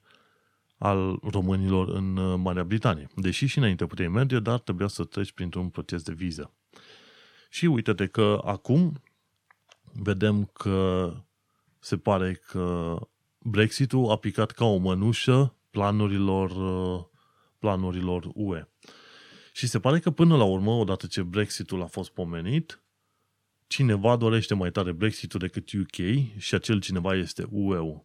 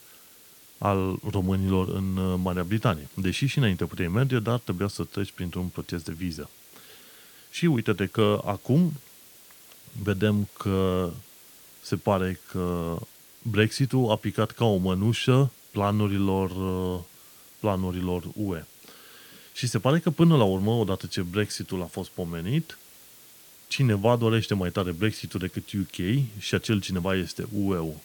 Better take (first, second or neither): first